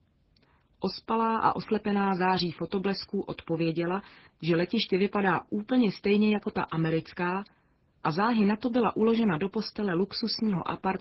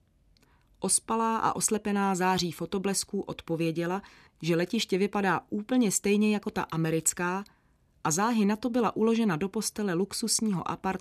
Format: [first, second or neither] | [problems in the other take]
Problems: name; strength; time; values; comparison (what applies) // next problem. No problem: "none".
second | garbled, watery; badly; nothing above 5.5 kHz